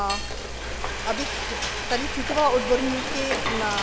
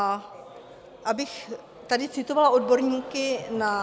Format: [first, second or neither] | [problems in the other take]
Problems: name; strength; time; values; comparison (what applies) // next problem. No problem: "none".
second | background sound (Frying (food)); 1 dB below the speech